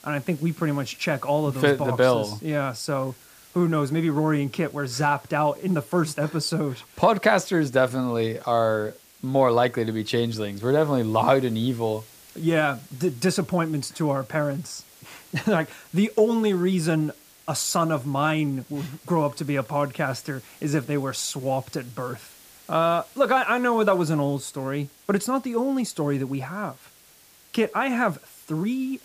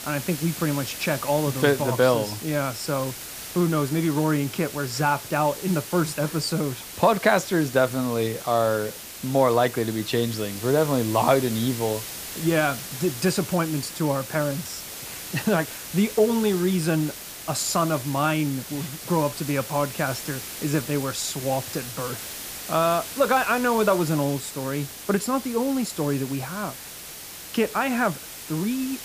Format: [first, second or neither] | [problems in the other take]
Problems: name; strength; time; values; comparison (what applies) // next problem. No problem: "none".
first | hiss; loud; throughout; 10 dB below the speech; faint in the first